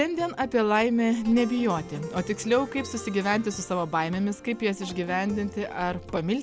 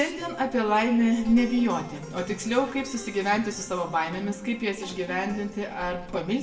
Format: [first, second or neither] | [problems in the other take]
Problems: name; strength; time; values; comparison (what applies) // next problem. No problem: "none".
first | room echo; dies away in 0.7 s